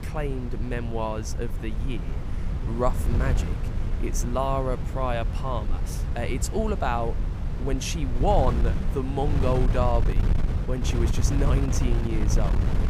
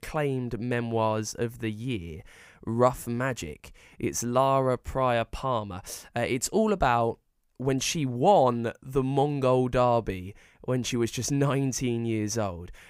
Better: second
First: wind noise on the microphone; heavy; 9 dB below the speech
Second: none

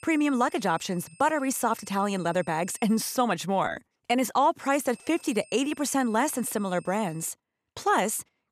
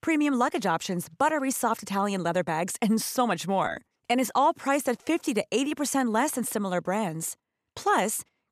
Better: second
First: high-pitched whine; faint; until 3 s and from 5 to 7.5 s; 8.5 kHz, 25 dB below the speech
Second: none

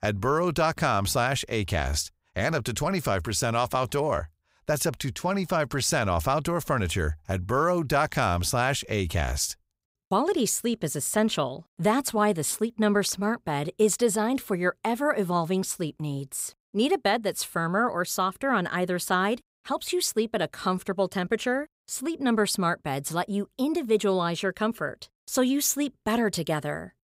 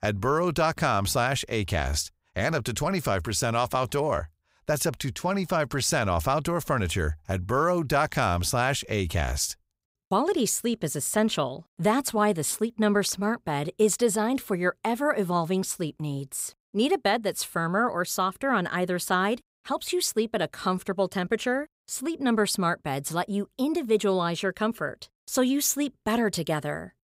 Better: neither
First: none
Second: none

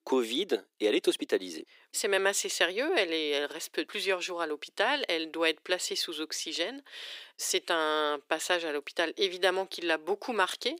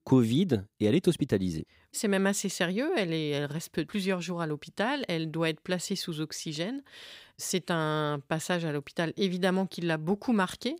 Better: second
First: thin; very; fading below 350 Hz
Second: none

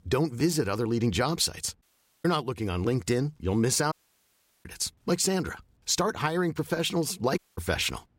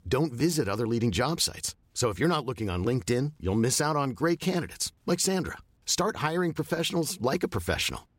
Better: second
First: audio cutting out; at 2 s, at 4 s for 0.5 s and at 7.5 s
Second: none

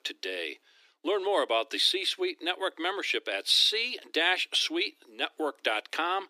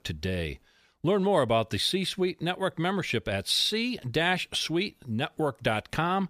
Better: second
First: thin; very; fading below 300 Hz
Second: none

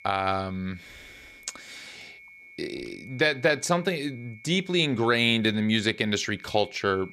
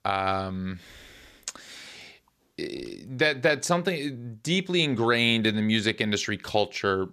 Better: second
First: high-pitched whine; faint; throughout; 2 kHz, 20 dB below the speech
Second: none

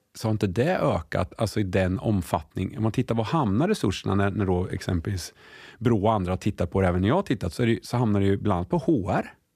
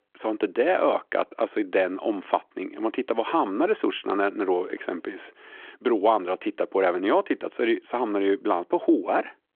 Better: first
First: none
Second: phone-call audio

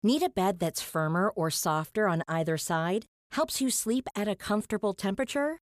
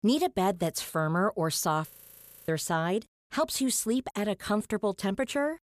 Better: first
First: none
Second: audio freezing; at 2 s for 0.5 s

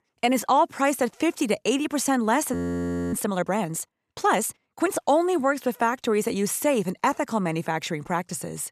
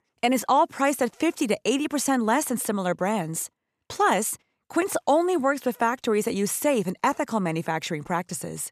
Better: second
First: audio freezing; at 2.5 s for 0.5 s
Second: none

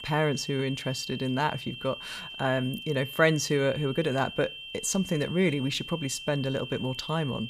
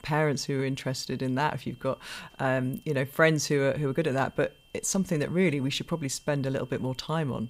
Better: second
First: high-pitched whine; loud; throughout; 3 kHz, 10 dB below the speech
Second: high-pitched whine; faint; throughout; 3 kHz, 30 dB below the speech

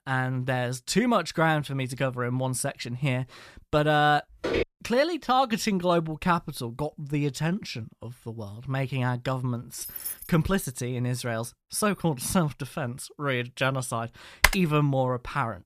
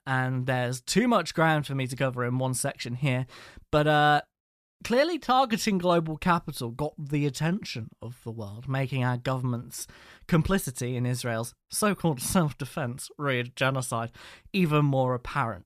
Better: second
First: footsteps; noticeable; at 4.5 s; peak 1 dB below the speech // jangling keys; noticeable; at 10 s; peak 6 dB below the speech // keyboard typing; loud; at 14 s; peak 4 dB above the speech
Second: none

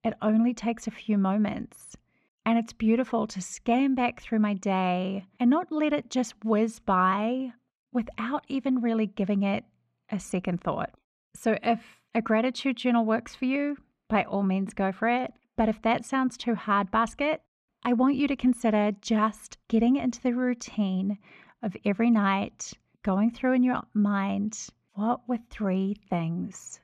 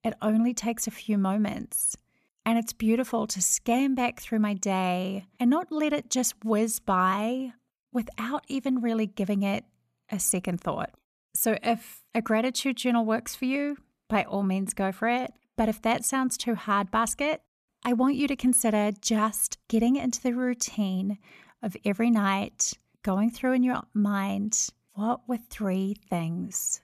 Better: second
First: muffled; slightly; fading above 3 kHz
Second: none

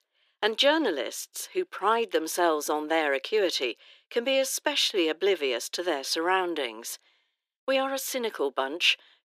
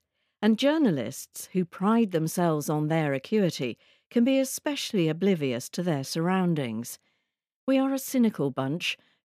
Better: second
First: thin; very; fading below 350 Hz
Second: none

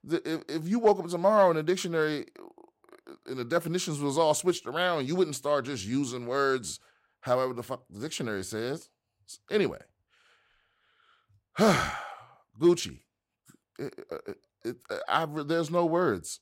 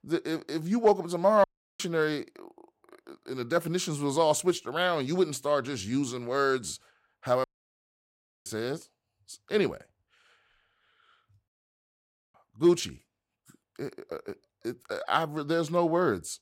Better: first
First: none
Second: audio cutting out; at 1.5 s, at 7.5 s for 1 s and at 11 s for 1 s

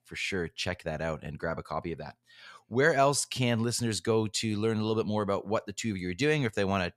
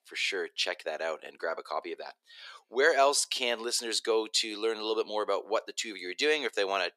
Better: first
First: none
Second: thin; very; fading below 350 Hz

